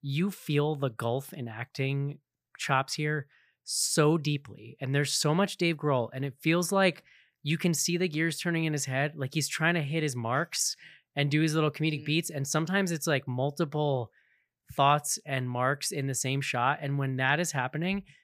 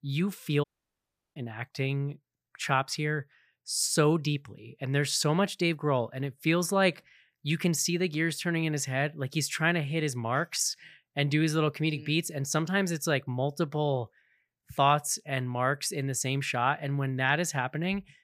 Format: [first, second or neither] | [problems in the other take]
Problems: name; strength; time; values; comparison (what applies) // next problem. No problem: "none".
first | audio cutting out; at 0.5 s for 0.5 s